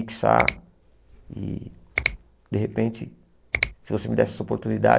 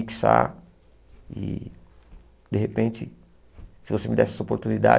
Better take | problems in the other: second | noise reduction (neural mask model Resemble Enhance denoiser)

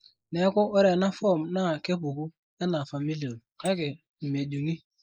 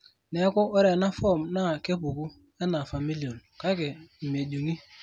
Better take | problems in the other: second | noise reduction (neural mask model Resemble Enhance denoiser)

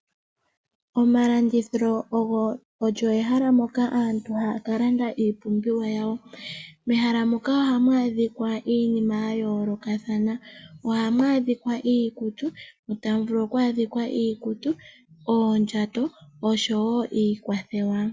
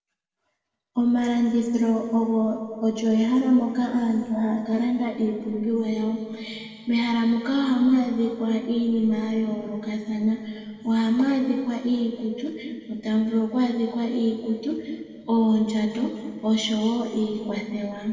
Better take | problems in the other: first | room echo; dies away in 2 s

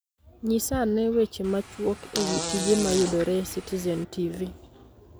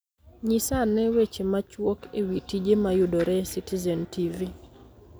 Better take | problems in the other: second | background sound (Fart); 7 dB below the speech

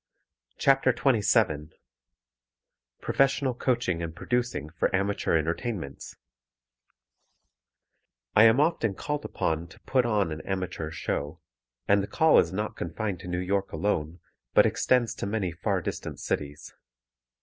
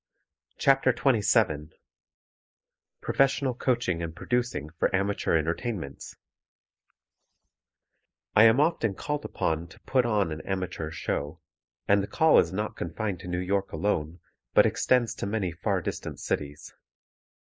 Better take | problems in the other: first | noise reduction (neural mask model Resemble Enhance denoiser)

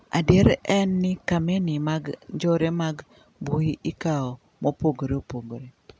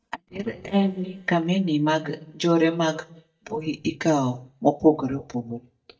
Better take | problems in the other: first | noise reduction (neural mask model DeepFilterNet 3)

